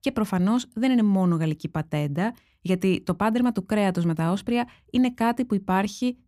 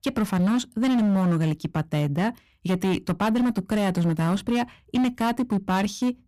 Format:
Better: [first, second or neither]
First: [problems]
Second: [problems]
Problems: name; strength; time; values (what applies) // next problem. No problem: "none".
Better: first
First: none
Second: distortion; slight; 18% of the sound clipped